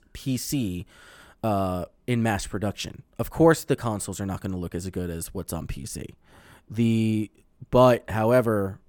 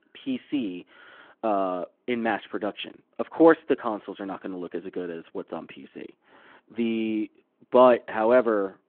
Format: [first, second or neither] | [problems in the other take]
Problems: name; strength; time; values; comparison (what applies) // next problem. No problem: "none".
first | phone-call audio